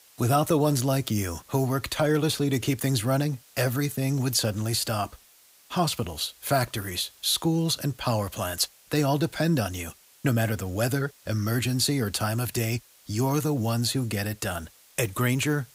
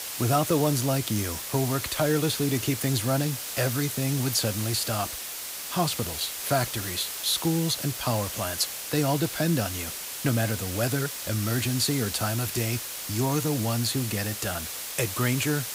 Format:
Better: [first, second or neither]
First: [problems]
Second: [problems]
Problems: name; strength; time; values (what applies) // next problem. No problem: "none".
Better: first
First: hiss; faint; throughout; 25 dB below the speech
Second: hiss; loud; throughout; 5 dB below the speech